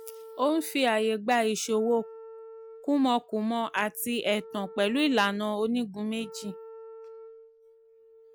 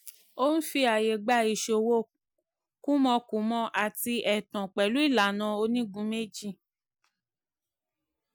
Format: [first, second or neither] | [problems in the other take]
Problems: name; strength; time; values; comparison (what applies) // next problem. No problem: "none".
second | background sound (Wind instrument, woodwind instrument); 19 dB below the speech